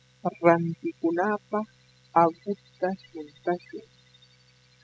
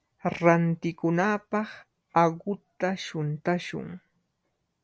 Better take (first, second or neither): second